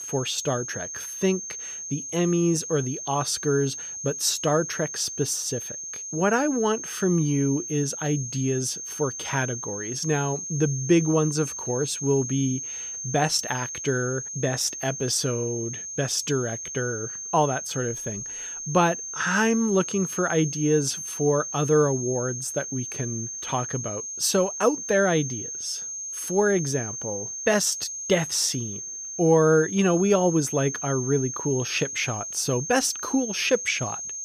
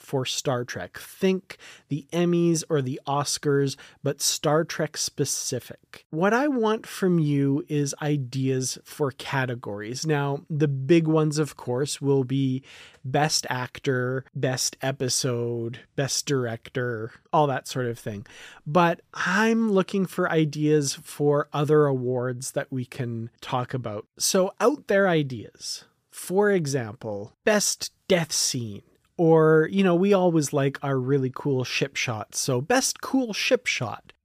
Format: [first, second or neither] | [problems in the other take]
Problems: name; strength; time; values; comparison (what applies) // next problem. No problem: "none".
second | high-pitched whine; loud; throughout; 6.5 kHz, 6 dB below the speech